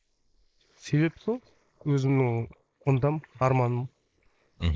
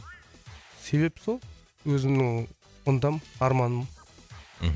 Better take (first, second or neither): second